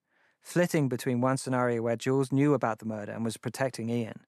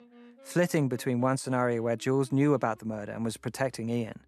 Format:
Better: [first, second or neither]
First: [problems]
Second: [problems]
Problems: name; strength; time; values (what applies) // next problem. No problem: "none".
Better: first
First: none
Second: background music; faint; throughout; 30 dB below the speech